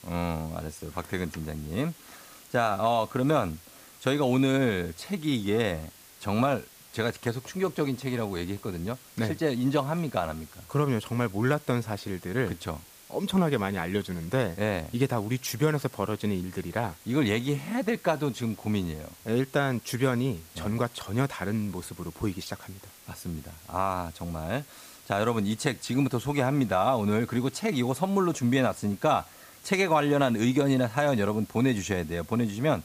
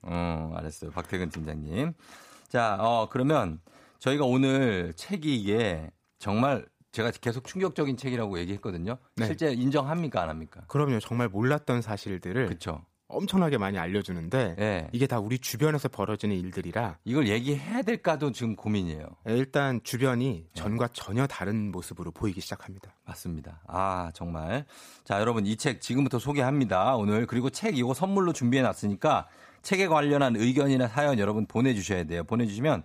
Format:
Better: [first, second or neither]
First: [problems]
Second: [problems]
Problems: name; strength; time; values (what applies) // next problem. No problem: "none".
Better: second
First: hiss; faint; throughout; 20 dB below the speech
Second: none